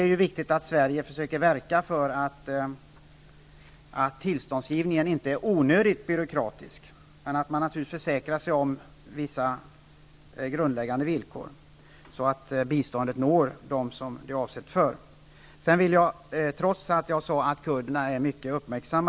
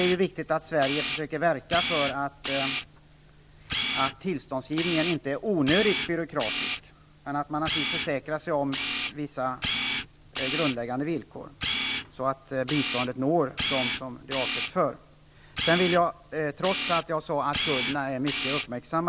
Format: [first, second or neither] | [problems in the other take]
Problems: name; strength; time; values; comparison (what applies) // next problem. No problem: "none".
first | background sound (Camera); 4 dB below the speech